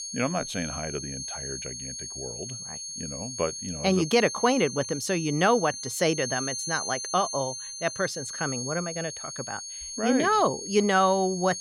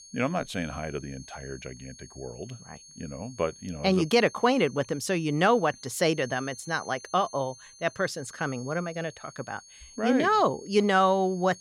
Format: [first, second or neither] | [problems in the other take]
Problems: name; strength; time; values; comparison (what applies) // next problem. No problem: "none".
second | high-pitched whine; loud; throughout; 6.5 kHz, 7 dB below the speech; faint in the second